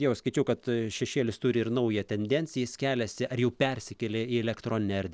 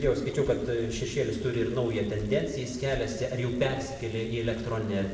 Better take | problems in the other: first | background sound (Bicycle); 15 dB below the speech // room echo; dies away in 1 s

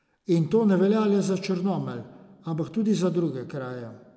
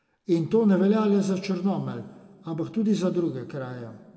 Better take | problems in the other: first | room echo; dies away in 1.8 s

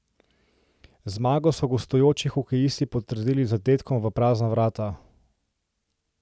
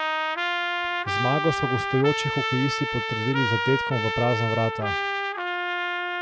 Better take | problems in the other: first | background sound (Trumpet); as loud as the speech

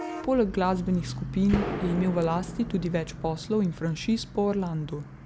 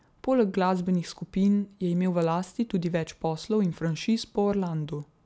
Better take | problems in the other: second | background sound (Gunshot, gunfire + Bus / Vehicle horn, car horn, honking); 9 dB below the speech

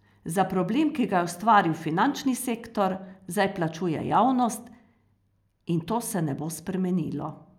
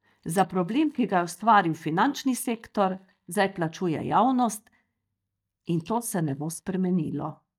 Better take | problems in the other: first | noise reduction (neural mask model DeepFilterNet 3)

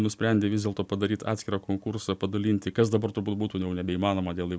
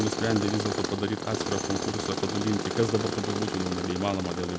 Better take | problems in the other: first | background sound (Tools); 2 dB below the speech

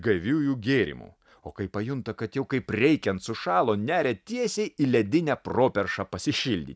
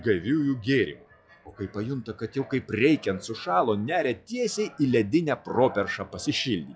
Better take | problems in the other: first | noise reduction (classical method log-MMSE)

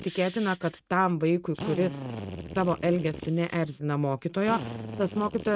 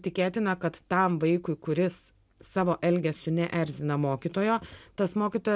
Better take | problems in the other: second | noise reduction (neural mask model RNNoise)

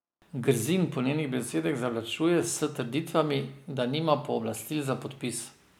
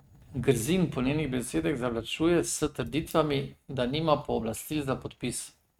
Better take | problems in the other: first | noise reduction (neural mask model RNNoise)

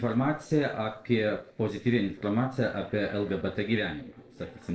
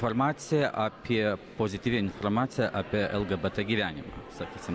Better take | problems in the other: second | noise reduction (neural separator model SepFormer DNS4)

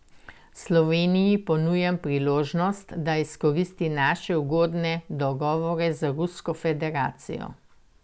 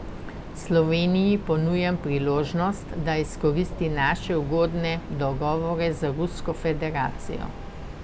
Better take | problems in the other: first | background sound (Train); 9 dB below the speech

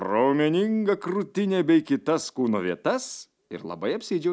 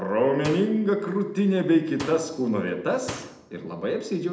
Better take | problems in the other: first | background sound (Slam); 16 dB below the speech // room echo; dies away in 0.8 s

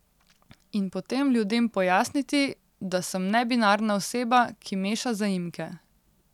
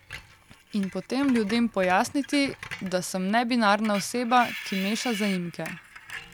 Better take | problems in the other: first | background sound (Screech); 14 dB below the speech

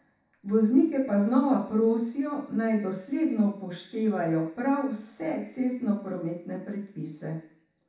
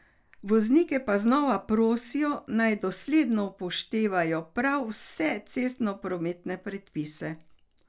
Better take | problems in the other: second | room echo; dies away in 0.7 s

